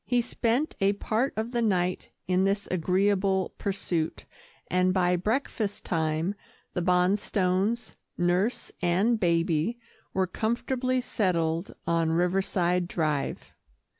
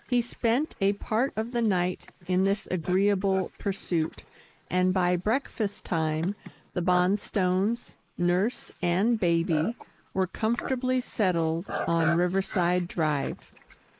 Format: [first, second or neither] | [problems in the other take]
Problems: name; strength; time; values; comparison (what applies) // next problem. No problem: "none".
first | noise reduction (neural mask model Resemble Enhance denoiser)